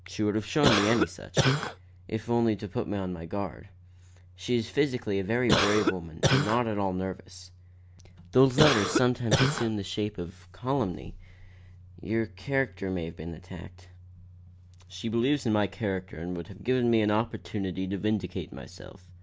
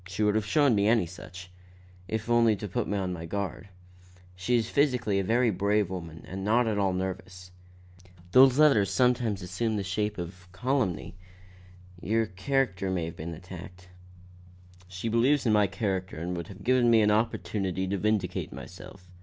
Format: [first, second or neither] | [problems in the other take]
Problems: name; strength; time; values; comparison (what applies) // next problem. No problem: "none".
second | background sound (Cough); 3 dB above the speech